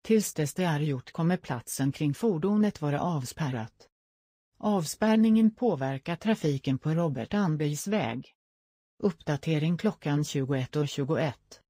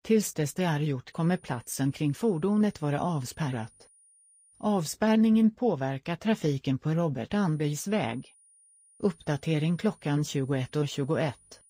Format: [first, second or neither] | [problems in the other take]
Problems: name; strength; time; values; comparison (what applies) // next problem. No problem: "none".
first | high-pitched whine; faint; from 1 to 5 s and from 7.5 s on; 9.5 kHz, 30 dB below the speech